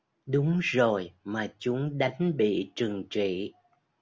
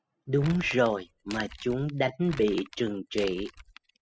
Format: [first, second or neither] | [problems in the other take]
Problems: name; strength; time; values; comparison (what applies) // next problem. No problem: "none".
first | noise reduction (classical method spectral subtraction)